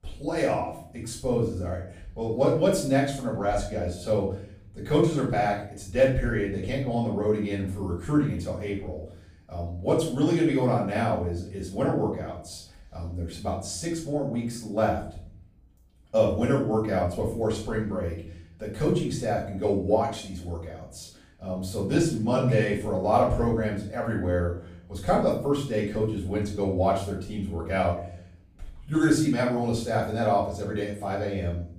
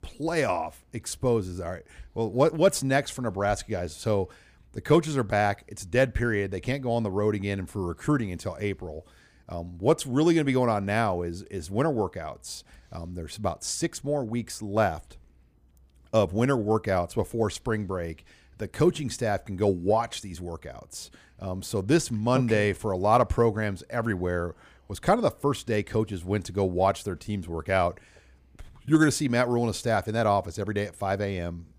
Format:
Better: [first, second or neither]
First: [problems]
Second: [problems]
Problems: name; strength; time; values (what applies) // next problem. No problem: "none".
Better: second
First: off-mic speech; far // room echo; noticeable; dies away in 0.5 s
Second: none